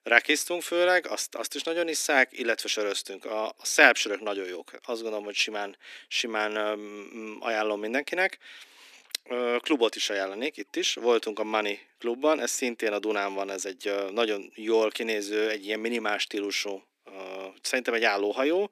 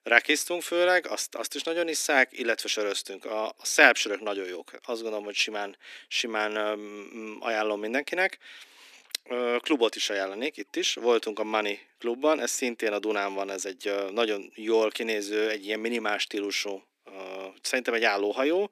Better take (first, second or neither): neither